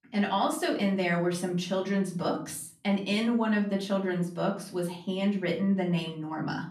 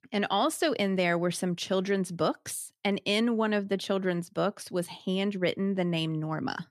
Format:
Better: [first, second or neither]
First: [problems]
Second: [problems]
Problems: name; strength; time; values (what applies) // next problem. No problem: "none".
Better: second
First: room echo; slight; dies away in 0.4 s // off-mic speech; far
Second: none